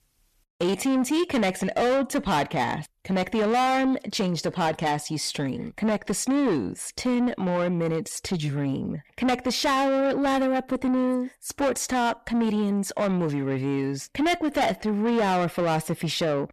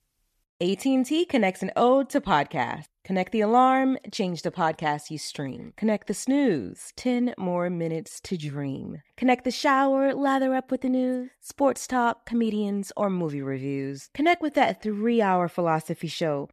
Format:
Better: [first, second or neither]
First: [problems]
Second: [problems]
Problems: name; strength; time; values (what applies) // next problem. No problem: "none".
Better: second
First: distortion; heavy; 7 dB below the speech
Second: none